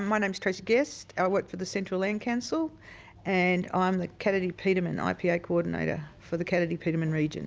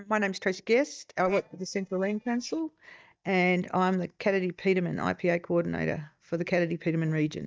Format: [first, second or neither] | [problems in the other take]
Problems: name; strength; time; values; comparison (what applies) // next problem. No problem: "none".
first | noise reduction (neural mask model DeepFilterNet 3)